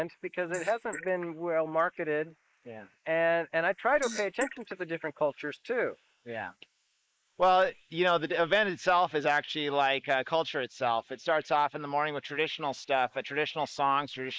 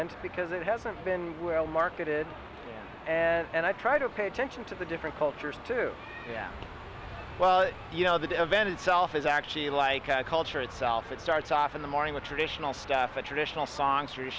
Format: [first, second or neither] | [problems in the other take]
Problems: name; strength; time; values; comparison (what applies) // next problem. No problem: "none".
second | noise reduction (neural mask model Resemble Enhance denoiser)